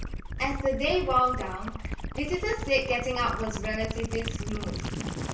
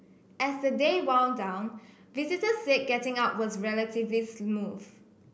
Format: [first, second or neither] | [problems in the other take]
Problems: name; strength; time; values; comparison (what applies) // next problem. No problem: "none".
second | background sound (Gurgling / Liquid); 4 dB below the speech // room echo; dies away in 0.3 s